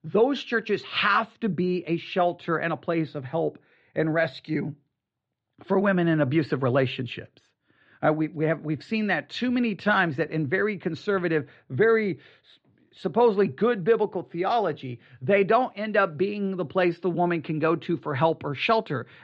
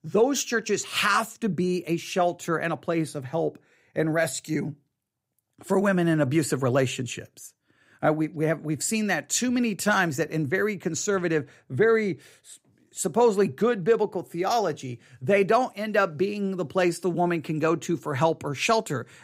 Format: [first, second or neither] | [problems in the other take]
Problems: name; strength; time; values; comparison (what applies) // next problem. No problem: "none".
second | muffled; slightly; fading above 4 kHz